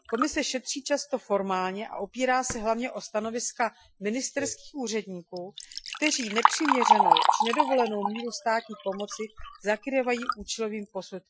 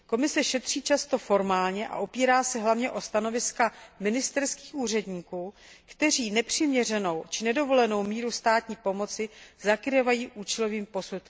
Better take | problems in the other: second | noise reduction (classical method Wiener filter)

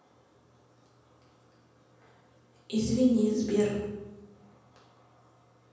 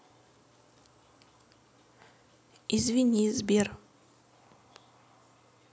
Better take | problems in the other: second | room echo; dies away in 1.1 s

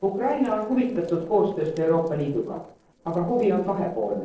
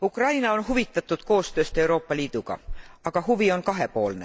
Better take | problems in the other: second | noise reduction (neural separator model SepFormer DNS4)

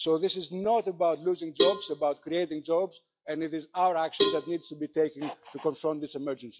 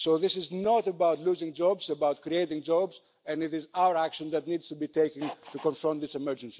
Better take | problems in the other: second | noise reduction (classical method log-MMSE)

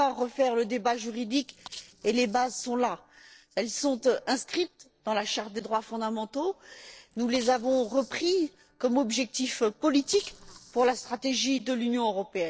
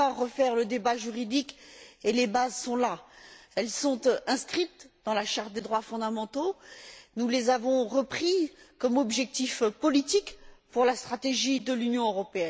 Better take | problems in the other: second | noise reduction (neural separator model SepFormer DNS4)

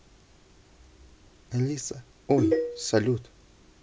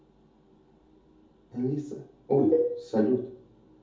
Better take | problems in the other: first | room echo; dies away in 0.5 s

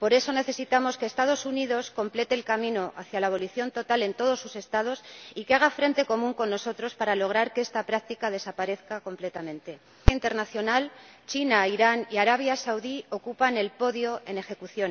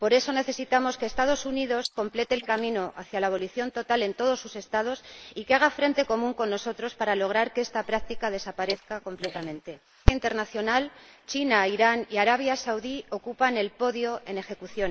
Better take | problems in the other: first | noise reduction (neural mask model Resemble Enhance denoiser)

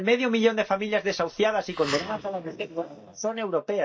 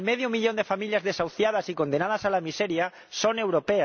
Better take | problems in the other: second | noise reduction (neural mask model DeepFilterNet 3)

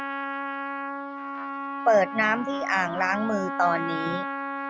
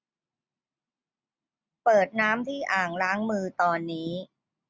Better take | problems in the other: second | background sound (Trumpet); 5 dB below the speech

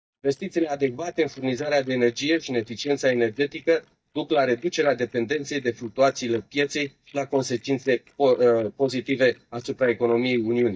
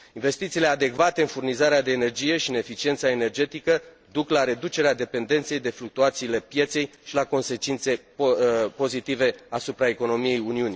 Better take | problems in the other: second | noise reduction (neural mask model DeepFilterNet 3)

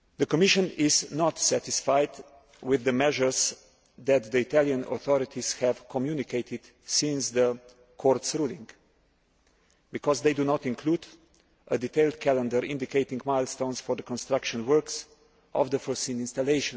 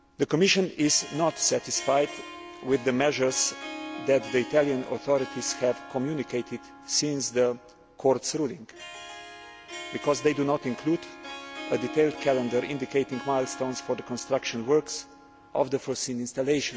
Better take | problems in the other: first | background sound (Harp); 15 dB below the speech

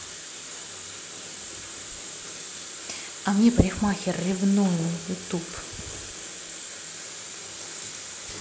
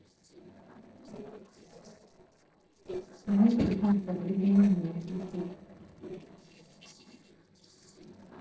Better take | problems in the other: first | noise reduction (neural separator model SepFormer DNS4)

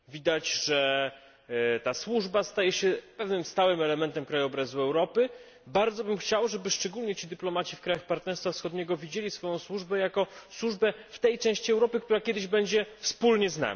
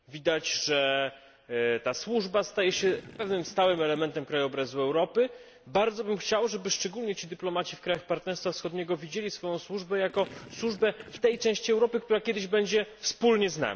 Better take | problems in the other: first | background sound (Gurgling); 19 dB below the speech

